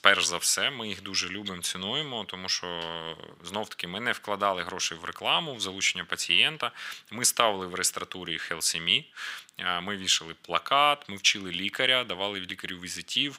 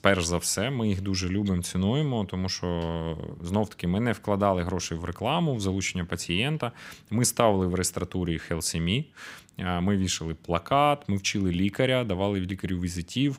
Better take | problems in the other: second | thin; somewhat; fading below 1 kHz

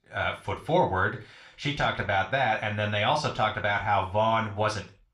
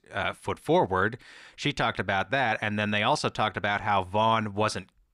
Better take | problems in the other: second | room echo; slight; dies away in 0.3 s // off-mic speech; somewhat distant

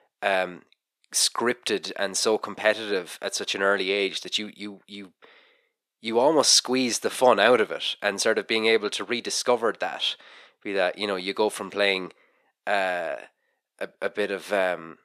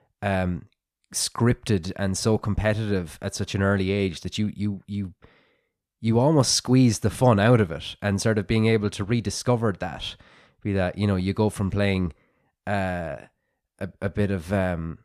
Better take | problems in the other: second | thin; very; fading below 350 Hz

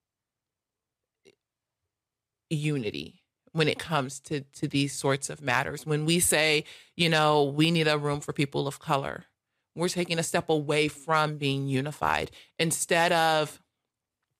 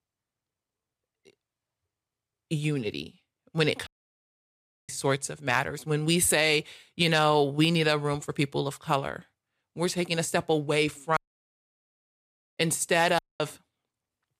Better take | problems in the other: first | audio cutting out; at 4 s for 1 s, at 11 s for 1.5 s and at 13 s

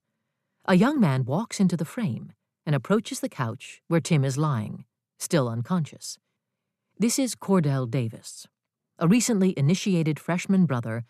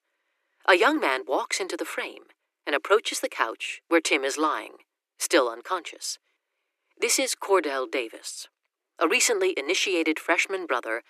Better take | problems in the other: first | thin; very; fading below 300 Hz

